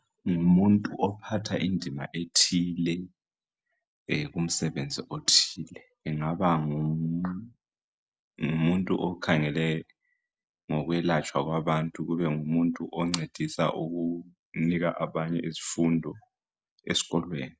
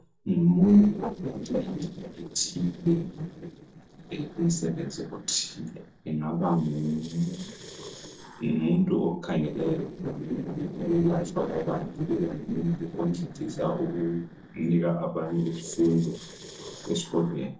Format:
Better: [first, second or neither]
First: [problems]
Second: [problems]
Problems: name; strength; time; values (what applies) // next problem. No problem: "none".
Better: first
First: none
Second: noise reduction (neural separator model SepFormer DNS4)